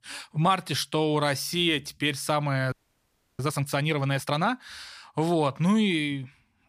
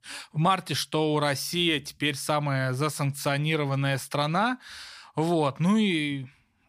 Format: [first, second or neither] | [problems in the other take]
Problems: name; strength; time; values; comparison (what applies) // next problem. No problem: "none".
second | audio freezing; at 2.5 s for 0.5 s